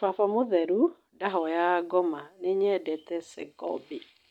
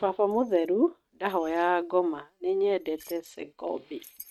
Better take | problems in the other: first | noise reduction (neural mask model RNNoise)

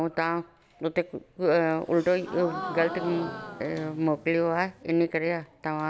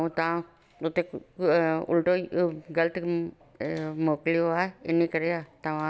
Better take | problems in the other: second | background sound (Gasp); 11 dB below the speech

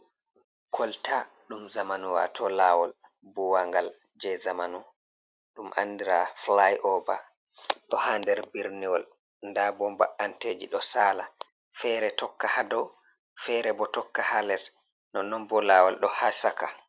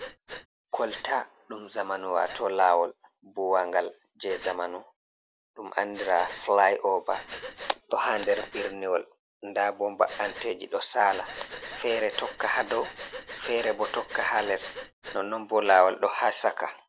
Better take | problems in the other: first | background sound (Breathing); 16 dB below the speech

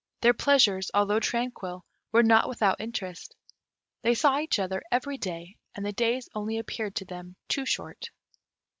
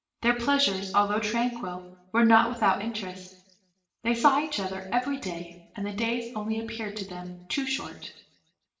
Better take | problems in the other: first | room echo; dies away in 0.8 s

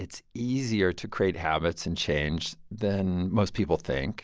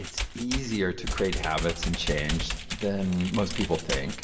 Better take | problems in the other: first | background sound (Computer keyboard); 4 dB below the speech // room echo; dies away in 0.9 s

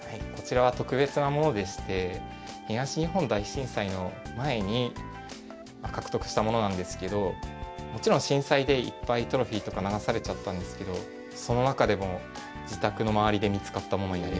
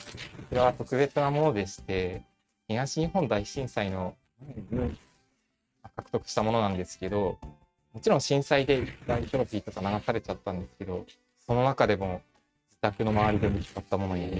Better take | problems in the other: first | noise reduction (neural mask model RNNoise)

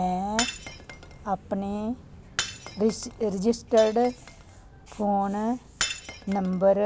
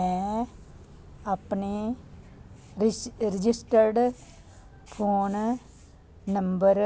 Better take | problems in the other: second | background sound (Shatter); 11 dB below the speech

